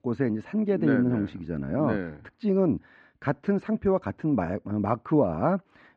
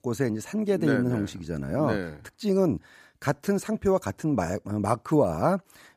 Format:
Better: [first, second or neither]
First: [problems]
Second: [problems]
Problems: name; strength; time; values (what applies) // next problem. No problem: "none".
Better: second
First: muffled; very; fading above 3 kHz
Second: none